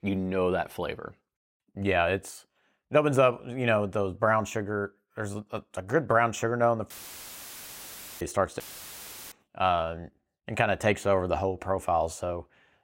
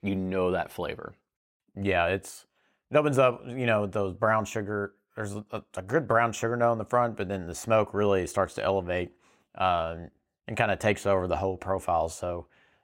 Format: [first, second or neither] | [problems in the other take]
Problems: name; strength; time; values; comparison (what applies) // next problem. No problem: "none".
second | audio cutting out; filled with static; at 7 s for 1.5 s and at 8.5 s for 0.5 s